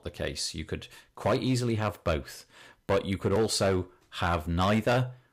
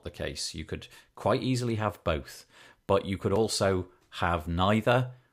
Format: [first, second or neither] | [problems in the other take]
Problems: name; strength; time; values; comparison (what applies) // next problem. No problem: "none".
second | distortion; slight; 5% of the sound clipped